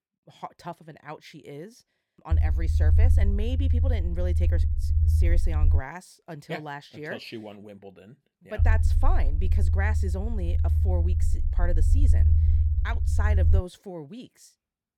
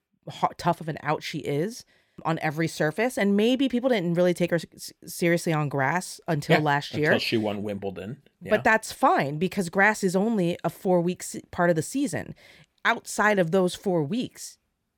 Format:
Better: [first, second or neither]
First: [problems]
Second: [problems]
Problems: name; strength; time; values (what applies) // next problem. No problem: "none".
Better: second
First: low rumble; loud; from 2.5 to 6 s and from 8.5 to 14 s; 5 dB below the speech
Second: none